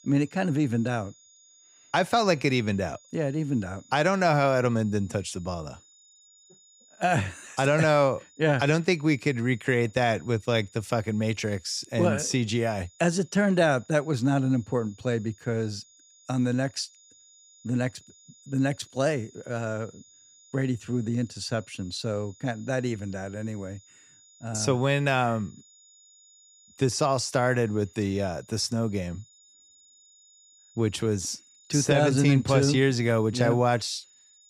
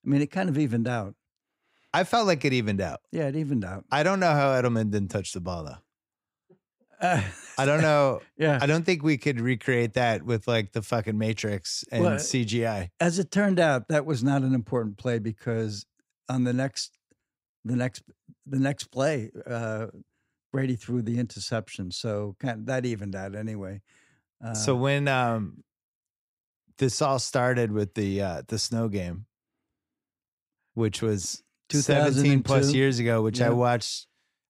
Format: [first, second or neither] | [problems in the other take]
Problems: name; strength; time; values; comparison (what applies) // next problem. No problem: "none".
second | high-pitched whine; faint; throughout; 7 kHz, 30 dB below the speech